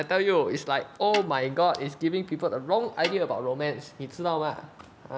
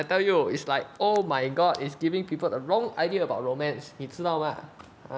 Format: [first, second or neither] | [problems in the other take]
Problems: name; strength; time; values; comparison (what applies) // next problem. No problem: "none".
second | background sound (Snare drum); 11 dB below the speech